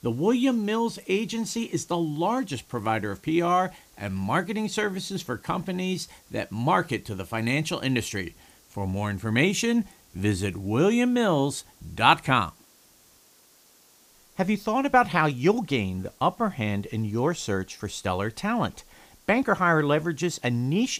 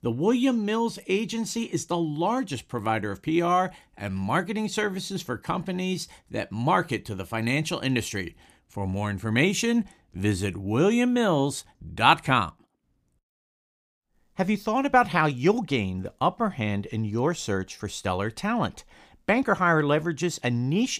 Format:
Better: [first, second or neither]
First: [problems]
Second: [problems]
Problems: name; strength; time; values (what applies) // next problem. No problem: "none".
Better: second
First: hiss; faint; throughout; 30 dB below the speech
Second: none